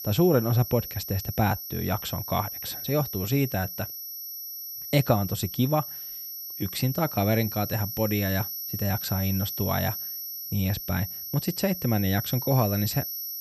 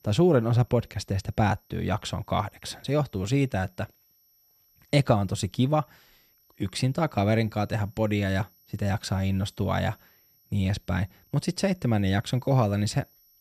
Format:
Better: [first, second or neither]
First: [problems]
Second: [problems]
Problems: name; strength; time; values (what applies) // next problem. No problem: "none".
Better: second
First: high-pitched whine; loud; throughout; 12 kHz, 5 dB below the speech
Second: high-pitched whine; faint; throughout; 12 kHz, 30 dB below the speech